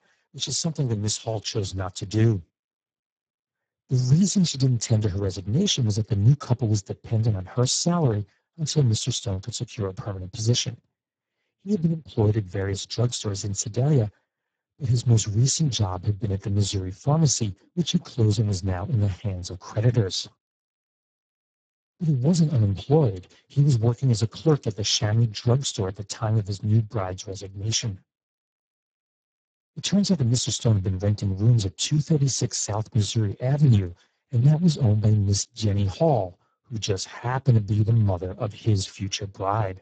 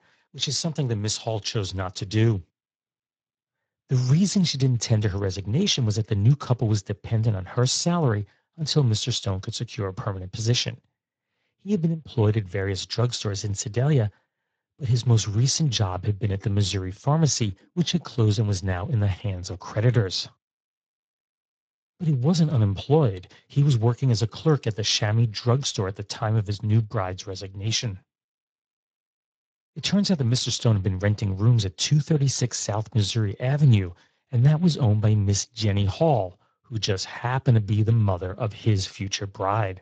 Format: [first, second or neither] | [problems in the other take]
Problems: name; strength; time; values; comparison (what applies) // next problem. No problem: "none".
second | garbled, watery; badly; nothing above 7.5 kHz; slightly in the second